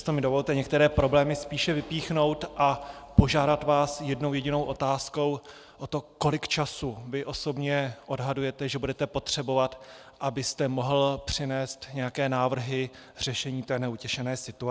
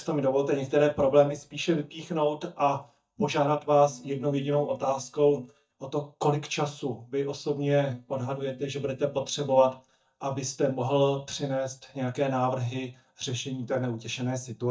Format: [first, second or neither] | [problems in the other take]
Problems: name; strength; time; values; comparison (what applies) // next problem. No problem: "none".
first | noise reduction (neural mask model DeepFilterNet 3)